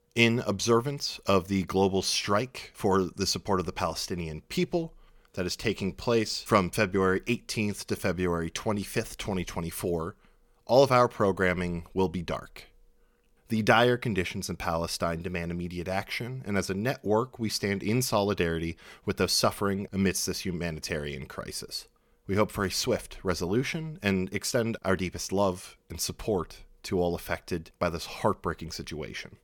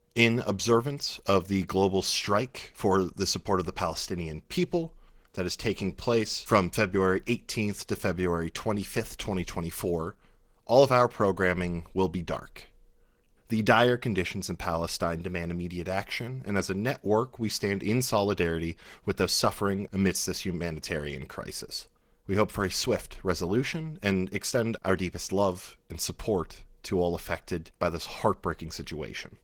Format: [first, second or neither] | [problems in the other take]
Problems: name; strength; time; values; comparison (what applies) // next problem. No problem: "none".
first | garbled, watery; slightly; nothing above 18 kHz